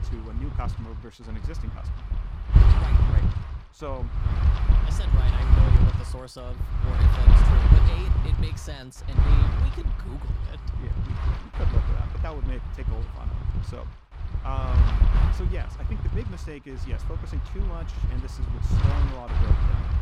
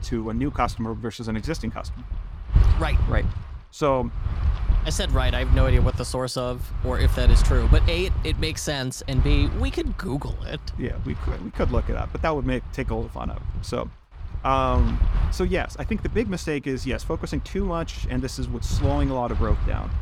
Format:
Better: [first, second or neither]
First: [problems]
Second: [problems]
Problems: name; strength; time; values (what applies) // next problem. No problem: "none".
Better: second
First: wind noise on the microphone; heavy; 4 dB above the speech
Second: wind noise on the microphone; occasional gusts; 10 dB below the speech